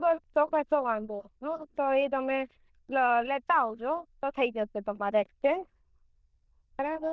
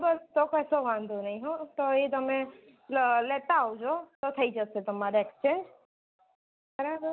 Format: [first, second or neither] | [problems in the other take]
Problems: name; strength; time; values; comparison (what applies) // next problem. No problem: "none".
second | noise reduction (neural diffusion model UNIVERSE++)